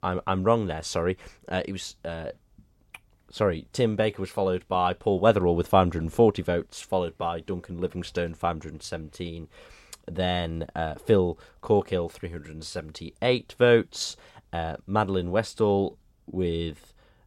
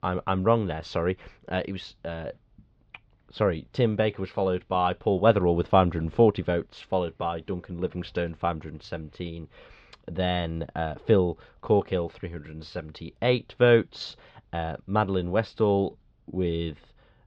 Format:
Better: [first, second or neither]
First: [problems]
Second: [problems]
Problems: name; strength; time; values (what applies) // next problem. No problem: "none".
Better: first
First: none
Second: muffled; very slightly; fading above 4 kHz